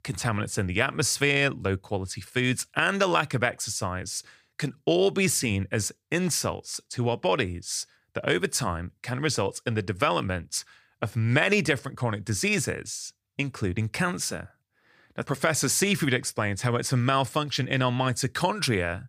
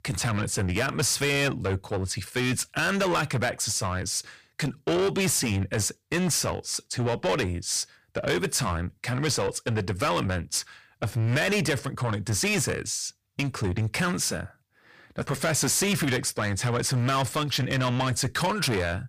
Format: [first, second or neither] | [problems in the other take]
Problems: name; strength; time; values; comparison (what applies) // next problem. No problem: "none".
first | distortion; heavy; 7 dB below the speech